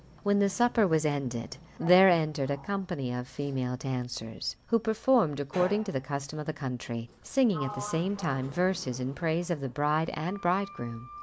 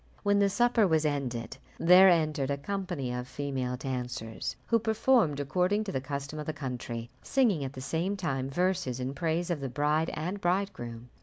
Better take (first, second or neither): second